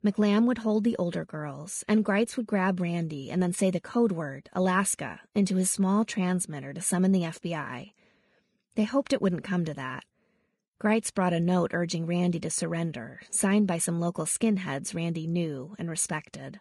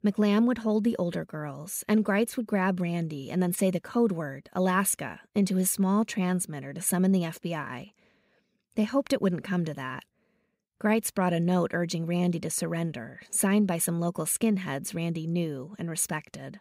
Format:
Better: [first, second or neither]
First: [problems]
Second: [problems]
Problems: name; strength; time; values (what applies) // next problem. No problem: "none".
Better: second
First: garbled, watery; slightly; nothing above 10.5 kHz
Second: none